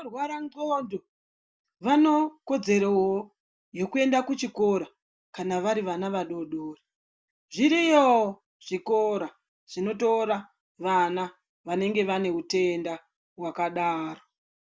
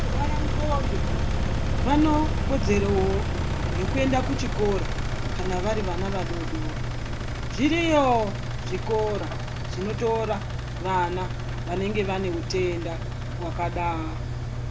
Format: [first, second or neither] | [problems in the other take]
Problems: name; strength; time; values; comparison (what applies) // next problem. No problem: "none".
first | background sound (Engine); 1 dB above the speech